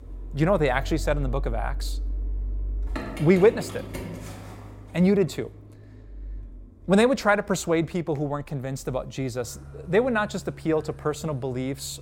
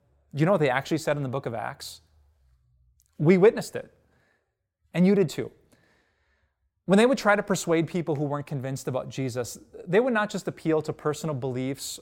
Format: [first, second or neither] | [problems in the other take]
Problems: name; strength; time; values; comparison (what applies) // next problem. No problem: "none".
second | traffic noise; noticeable; throughout; 10 dB below the speech